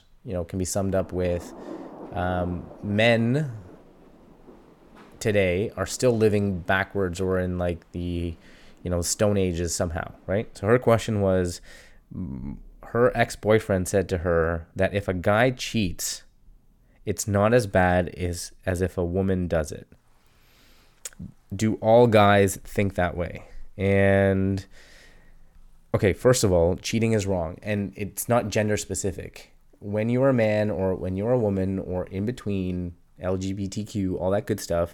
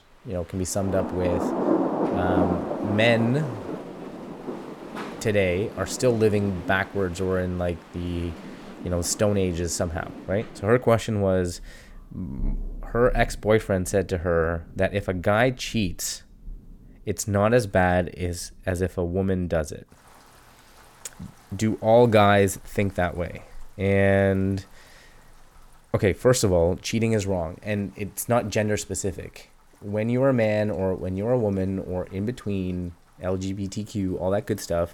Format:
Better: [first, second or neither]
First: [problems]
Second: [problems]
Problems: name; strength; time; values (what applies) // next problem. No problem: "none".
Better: first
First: rain or running water; faint; throughout; 25 dB below the speech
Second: rain or running water; loud; throughout; 8 dB below the speech